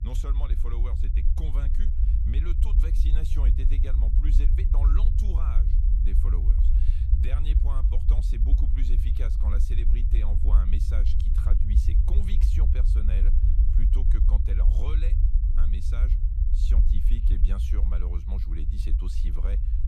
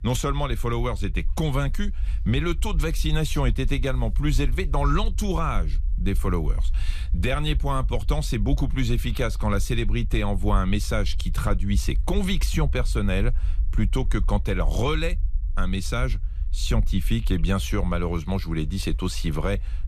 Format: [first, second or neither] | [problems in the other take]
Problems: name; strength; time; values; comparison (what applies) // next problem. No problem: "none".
second | low rumble; loud; throughout; 1 dB below the speech; faint in the second